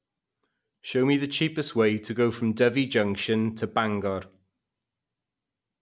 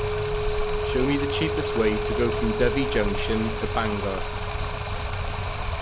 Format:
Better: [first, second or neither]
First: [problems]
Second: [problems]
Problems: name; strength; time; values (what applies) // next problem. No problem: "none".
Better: first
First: none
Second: background sound (Telephone + Stream); 2 dB above the speech